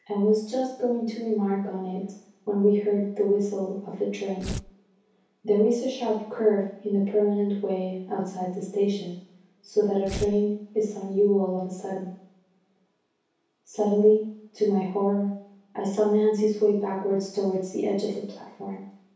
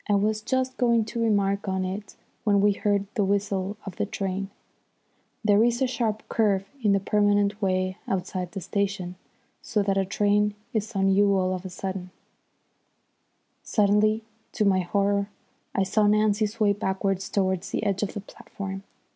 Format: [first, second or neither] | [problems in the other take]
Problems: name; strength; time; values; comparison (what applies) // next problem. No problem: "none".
second | background sound (Tearing); 8 dB below the speech // room echo; dies away in 0.6 s